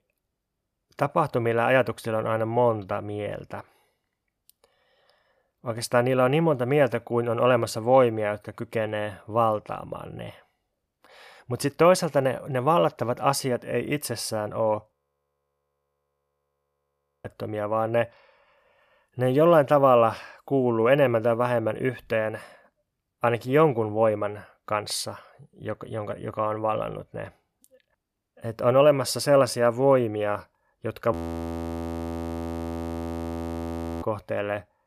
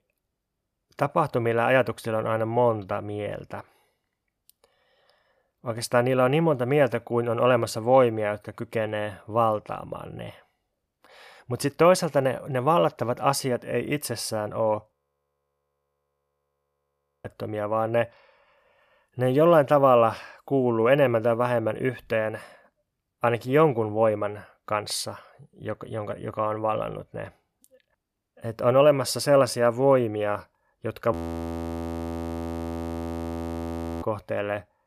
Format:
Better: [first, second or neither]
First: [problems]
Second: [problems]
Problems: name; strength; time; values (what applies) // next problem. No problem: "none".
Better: neither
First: audio freezing; at 15 s for 2.5 s and at 31 s for 3 s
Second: audio freezing; at 15 s for 2.5 s and at 31 s for 3 s